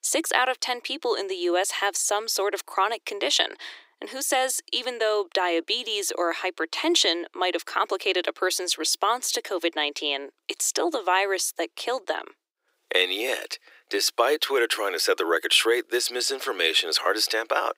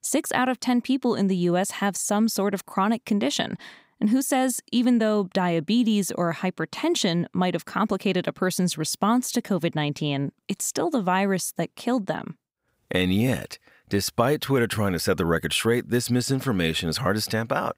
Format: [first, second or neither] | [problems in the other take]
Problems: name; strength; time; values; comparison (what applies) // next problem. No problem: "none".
second | thin; very; fading below 300 Hz